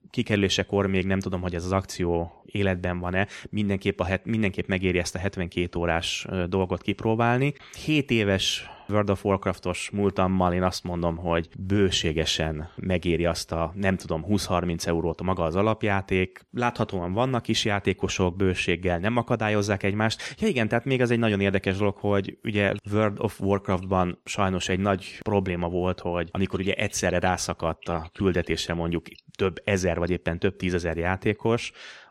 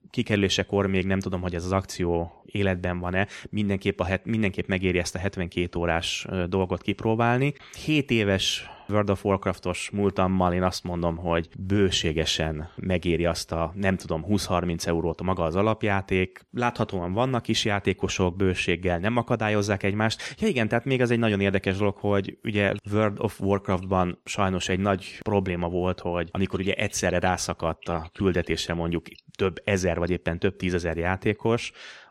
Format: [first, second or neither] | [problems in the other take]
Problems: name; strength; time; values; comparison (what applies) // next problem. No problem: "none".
neither | none